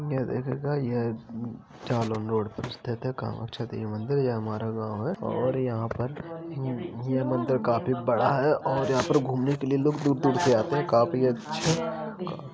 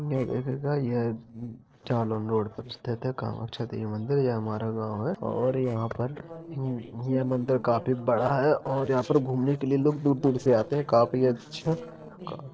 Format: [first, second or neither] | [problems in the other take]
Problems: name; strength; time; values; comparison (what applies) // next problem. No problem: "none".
first | noise reduction (neural separator model SepFormer DNS4)